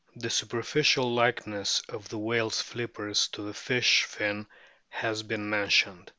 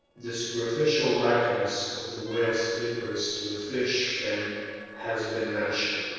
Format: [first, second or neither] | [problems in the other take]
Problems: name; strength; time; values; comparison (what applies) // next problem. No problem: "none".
first | noise reduction (neural separator model SepFormer DNS4)